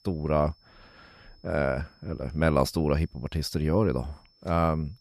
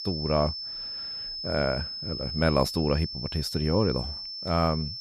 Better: first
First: high-pitched whine; faint; throughout; 5 kHz, 35 dB below the speech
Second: high-pitched whine; loud; throughout; 5 kHz, 6 dB below the speech

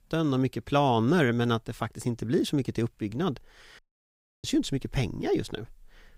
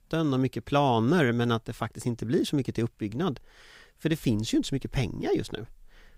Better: second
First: audio cutting out; at 4 s for 0.5 s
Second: none

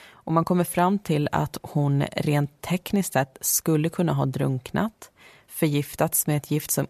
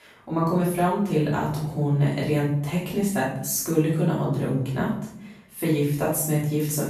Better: first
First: none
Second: room echo; noticeable; dies away in 0.6 s // off-mic speech; far

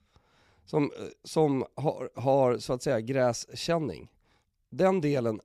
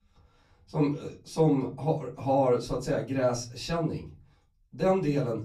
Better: first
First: none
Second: off-mic speech; far // room echo; very slight; dies away in 0.3 s

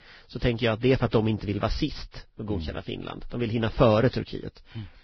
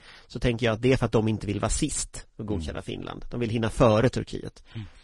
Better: second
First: garbled, watery; badly; nothing above 5.5 kHz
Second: garbled, watery; slightly; nothing above 10 kHz

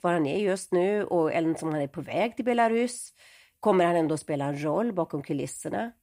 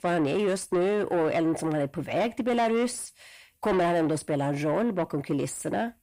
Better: first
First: none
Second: distortion; slight; 10 dB below the speech

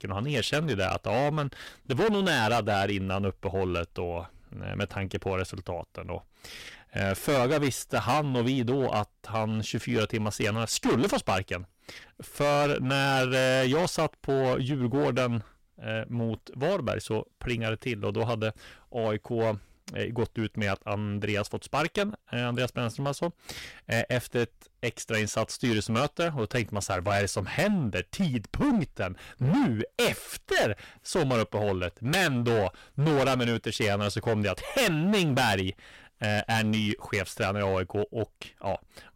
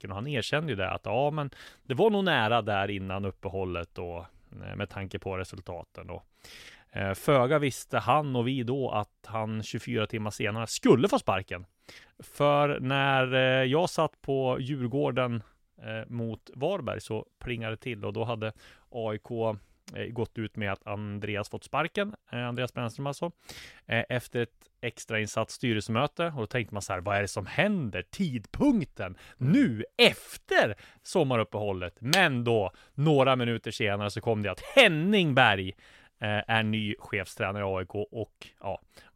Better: second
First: distortion; heavy; 13% of the sound clipped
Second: none

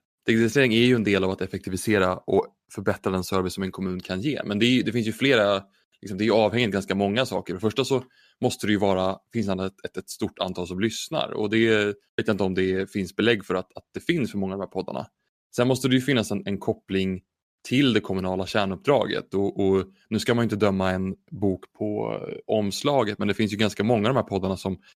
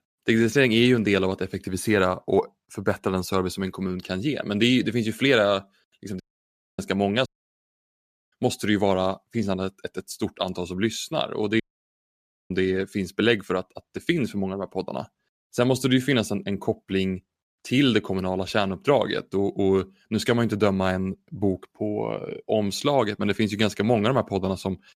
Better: first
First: none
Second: audio cutting out; at 6 s for 0.5 s, at 7.5 s for 1 s and at 12 s for 1 s

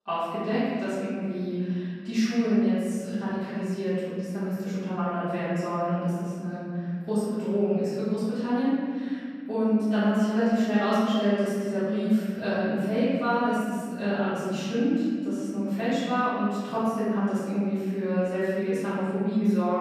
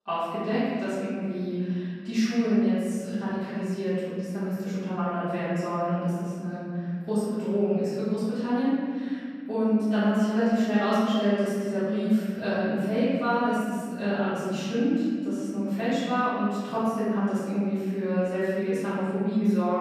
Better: neither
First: room echo; strong; dies away in 2.1 s // off-mic speech; far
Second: room echo; strong; dies away in 2.1 s // off-mic speech; far

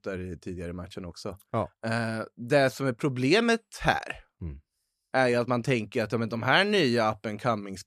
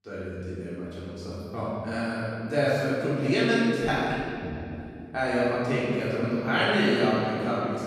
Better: first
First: none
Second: off-mic speech; far // room echo; strong; dies away in 2.9 s

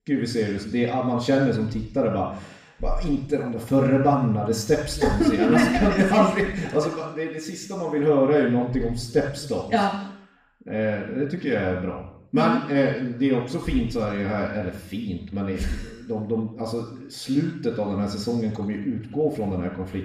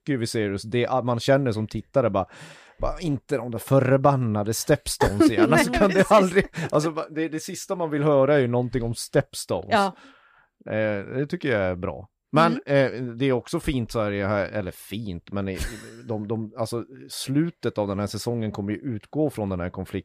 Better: second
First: room echo; noticeable; dies away in 0.7 s // off-mic speech; far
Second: none

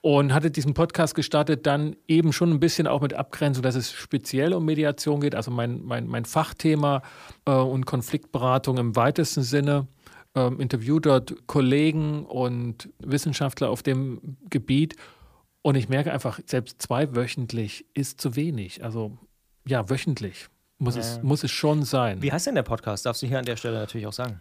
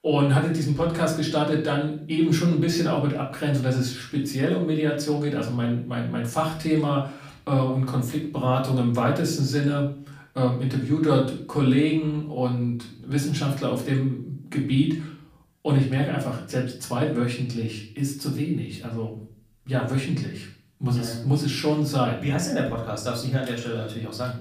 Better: first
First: none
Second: room echo; slight; dies away in 0.4 s // off-mic speech; far

